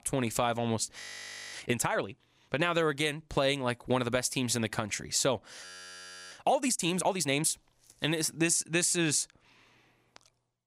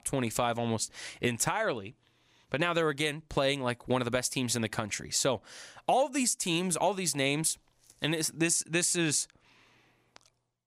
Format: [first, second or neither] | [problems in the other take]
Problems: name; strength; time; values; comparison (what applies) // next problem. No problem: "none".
second | audio freezing; at 1 s for 0.5 s and at 5.5 s for 0.5 s